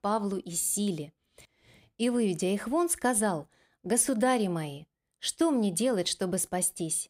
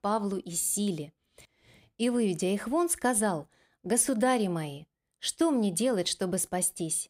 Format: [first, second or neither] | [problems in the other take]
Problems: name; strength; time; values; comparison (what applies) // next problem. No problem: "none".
neither | none